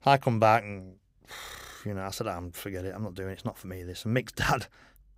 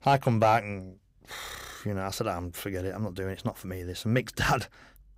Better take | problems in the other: first | distortion; slight; 10 dB below the speech

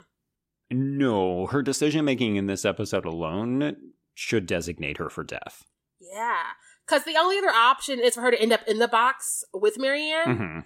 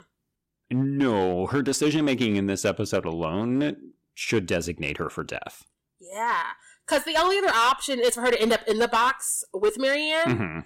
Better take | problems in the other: first | distortion; slight; 5% of the sound clipped

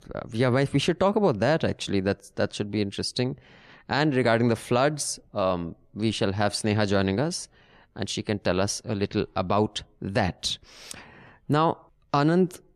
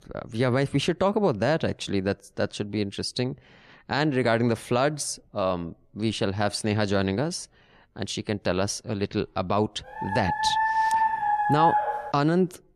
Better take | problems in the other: first | dog barking; loud; from 10 to 12 s; peak 4 dB above the speech

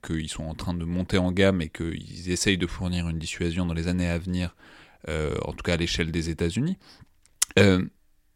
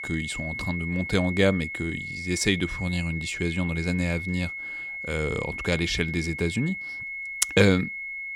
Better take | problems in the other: first | high-pitched whine; loud; throughout; 2 kHz, 6 dB below the speech

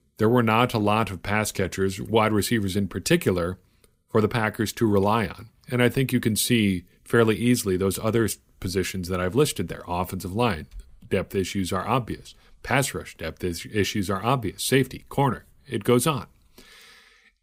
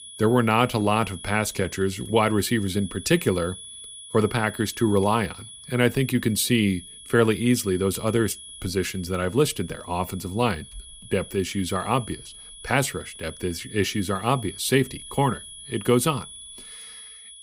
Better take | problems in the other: first | high-pitched whine; noticeable; throughout; 3.5 kHz, 15 dB below the speech

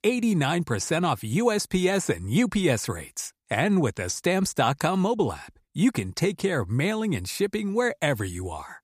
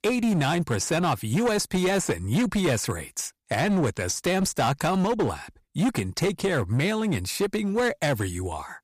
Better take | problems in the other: first | distortion; slight; 15% of the sound clipped

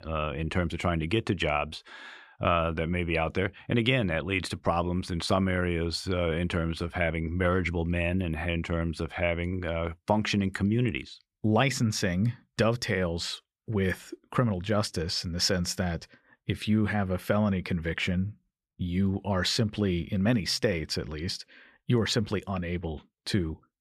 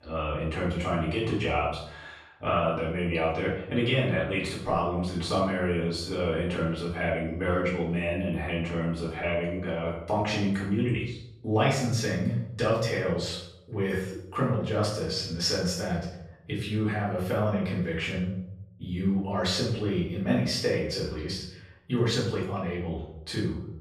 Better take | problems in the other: first | off-mic speech; far // room echo; noticeable; dies away in 0.6 s

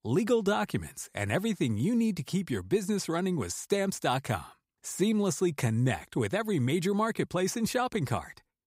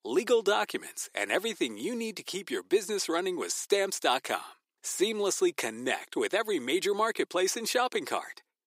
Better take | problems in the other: first | thin; somewhat; fading below 350 Hz

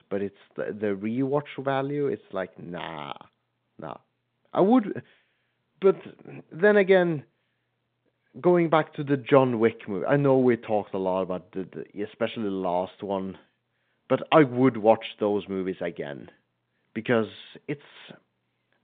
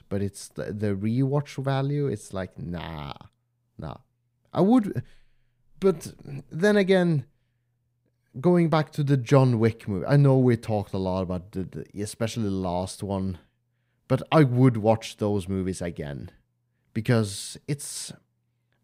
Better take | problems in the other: second | phone-call audio; nothing above 3.5 kHz

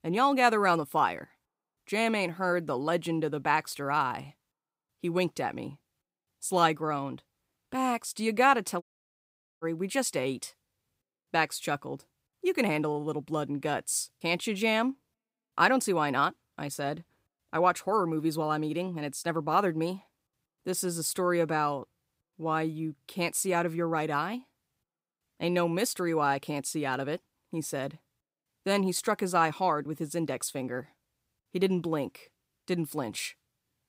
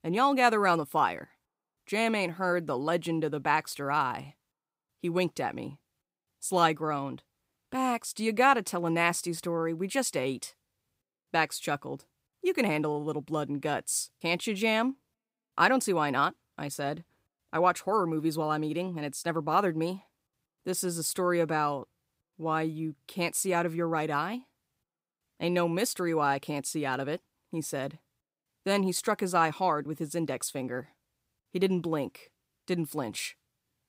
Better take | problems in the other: second | audio cutting out; at 9 s for 1 s

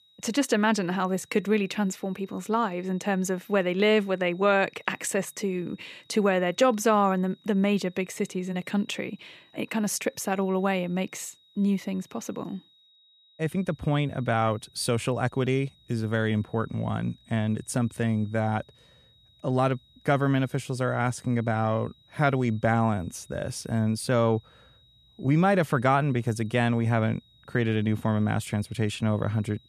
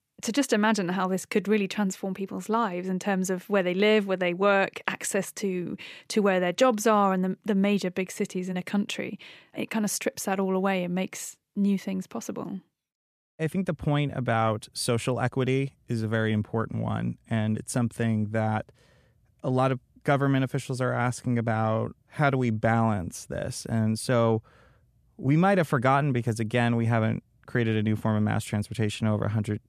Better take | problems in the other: second | high-pitched whine; faint; throughout; 4 kHz, 30 dB below the speech

